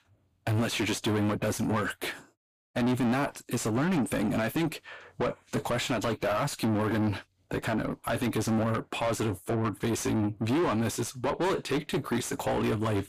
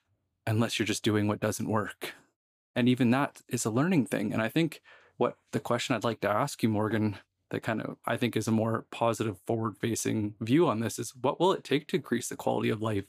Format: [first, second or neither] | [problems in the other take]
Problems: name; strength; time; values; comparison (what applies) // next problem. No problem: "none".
second | distortion; heavy; 5 dB below the speech